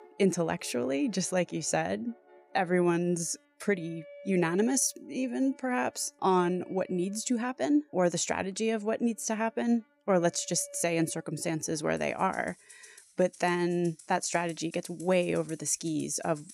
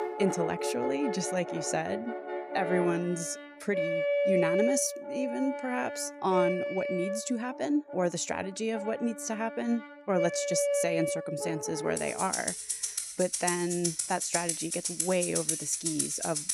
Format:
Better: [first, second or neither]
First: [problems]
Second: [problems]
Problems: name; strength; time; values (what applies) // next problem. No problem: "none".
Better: first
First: background music; faint; throughout; 25 dB below the speech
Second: background music; loud; throughout; 1 dB below the speech